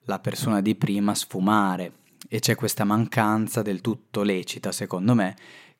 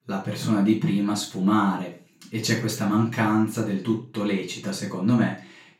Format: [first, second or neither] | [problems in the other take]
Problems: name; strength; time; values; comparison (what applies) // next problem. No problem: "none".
first | room echo; noticeable; dies away in 0.3 s // off-mic speech; far